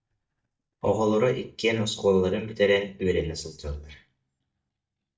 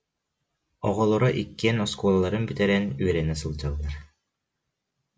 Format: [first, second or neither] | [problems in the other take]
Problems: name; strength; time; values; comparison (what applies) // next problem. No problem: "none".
second | noise reduction (neural mask model DeepFilterNet 3)